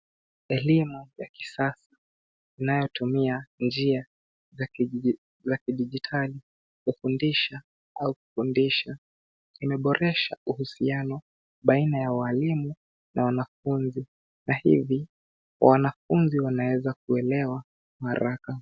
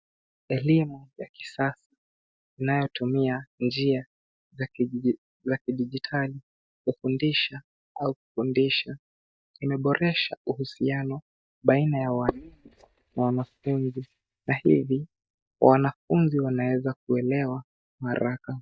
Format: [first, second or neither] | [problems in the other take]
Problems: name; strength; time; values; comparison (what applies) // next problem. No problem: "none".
first | noise reduction (neural mask model DeepFilterNet 3)